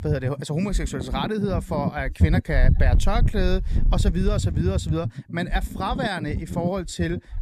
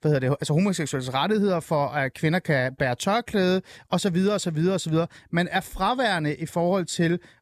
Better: second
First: wind noise on the microphone; occasional gusts; 10 dB below the speech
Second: none

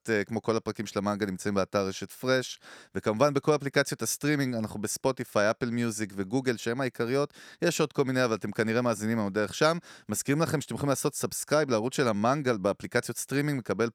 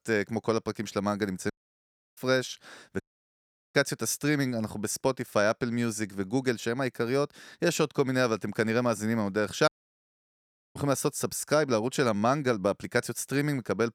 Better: first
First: none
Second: audio cutting out; at 1.5 s for 0.5 s, at 3 s for 0.5 s and at 9.5 s for 1 s

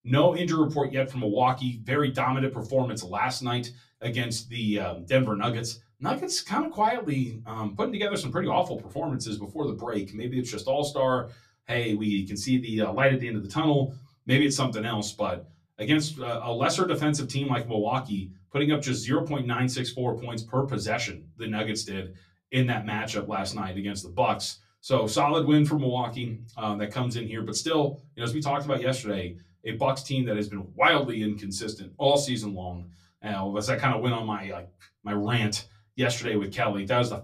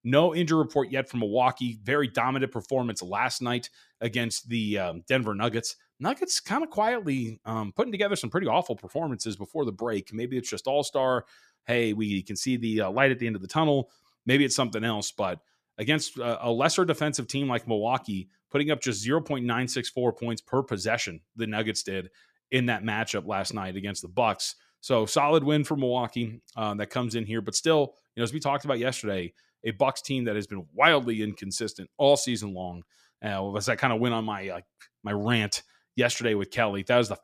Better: second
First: off-mic speech; far // room echo; very slight; dies away in 0.3 s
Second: none

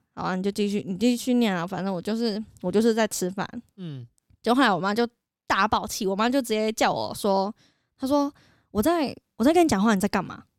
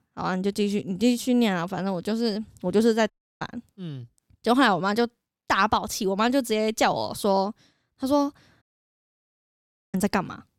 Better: first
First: none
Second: audio cutting out; at 3 s and at 8.5 s for 1.5 s

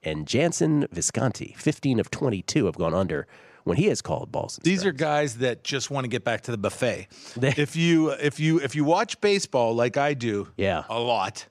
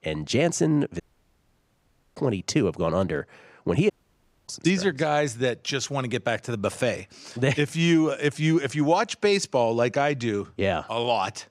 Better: first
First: none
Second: audio cutting out; at 1 s for 1 s and at 4 s for 0.5 s

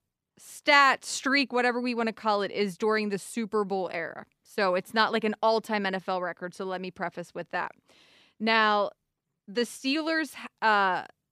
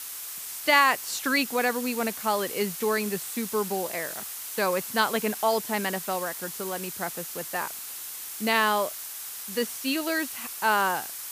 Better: first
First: none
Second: hiss; loud; throughout; 7 dB below the speech

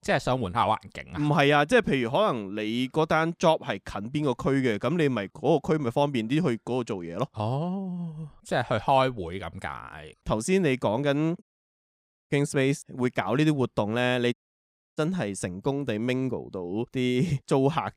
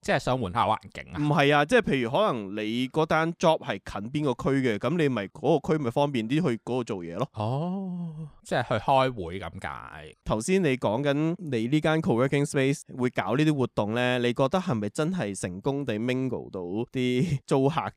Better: second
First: audio cutting out; at 11 s for 1 s and at 14 s for 0.5 s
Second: none

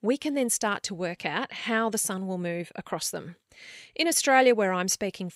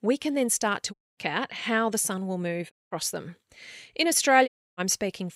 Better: first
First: none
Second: audio cutting out; at 1 s, at 2.5 s and at 4.5 s

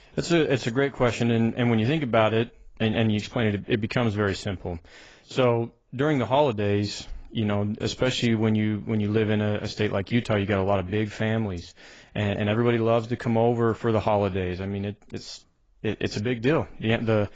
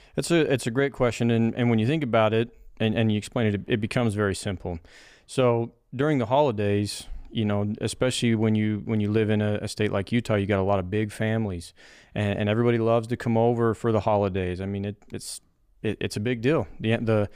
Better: second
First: garbled, watery; badly; nothing above 7.5 kHz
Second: none

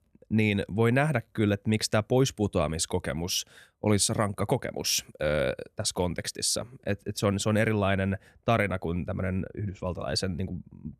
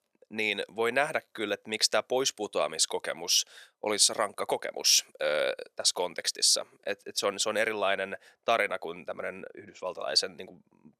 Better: first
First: none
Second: thin; very; fading below 550 Hz

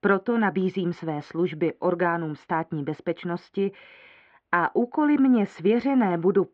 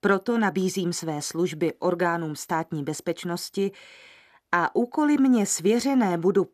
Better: second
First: muffled; very; fading above 3 kHz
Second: none

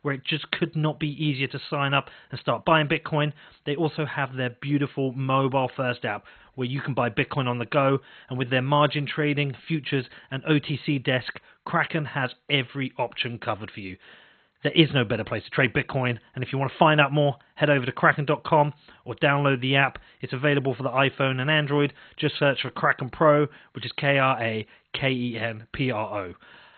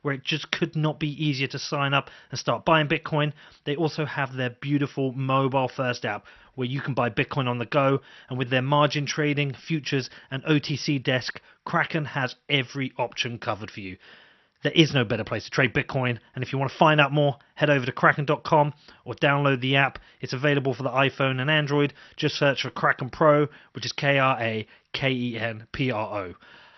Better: second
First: garbled, watery; badly; nothing above 4 kHz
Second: garbled, watery; slightly; nothing above 6 kHz

